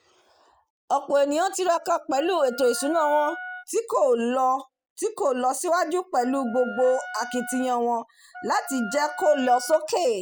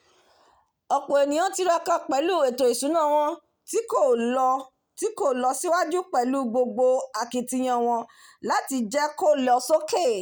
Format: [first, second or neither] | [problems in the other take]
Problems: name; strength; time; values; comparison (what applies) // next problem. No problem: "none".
second | noise reduction (classical method spectral subtraction)